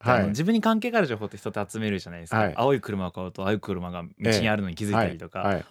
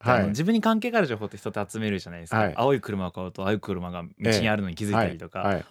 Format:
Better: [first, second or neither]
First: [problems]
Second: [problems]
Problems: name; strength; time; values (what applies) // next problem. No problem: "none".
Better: neither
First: none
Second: none